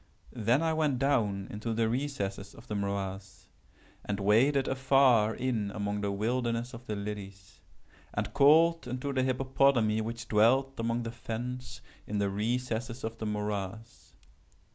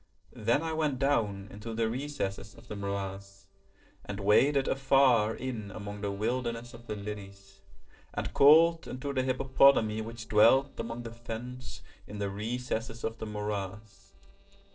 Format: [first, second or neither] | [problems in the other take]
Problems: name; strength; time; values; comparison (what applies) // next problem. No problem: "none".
first | noise reduction (neural separator model SepFormer DNS4)